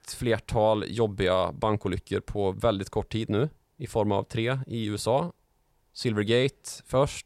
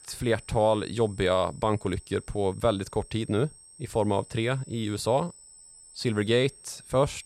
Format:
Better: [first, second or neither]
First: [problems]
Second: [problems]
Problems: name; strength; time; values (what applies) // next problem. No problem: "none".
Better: first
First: none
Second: high-pitched whine; faint; throughout; 8 kHz, 20 dB below the speech